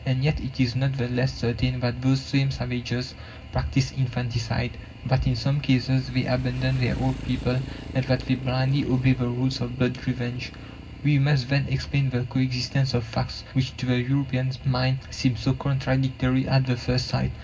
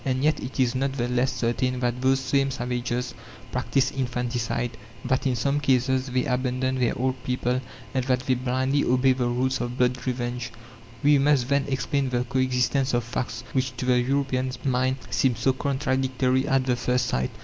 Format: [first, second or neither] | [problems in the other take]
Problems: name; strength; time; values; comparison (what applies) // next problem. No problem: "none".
second | background sound (Motorcycle); 18 dB below the speech // room echo; dies away in 0.4 s